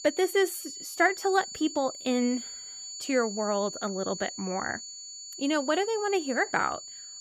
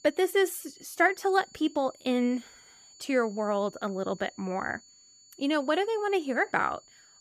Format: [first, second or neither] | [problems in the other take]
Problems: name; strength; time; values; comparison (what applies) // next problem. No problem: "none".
second | high-pitched whine; loud; throughout; 7 kHz, 10 dB below the speech; faint in the second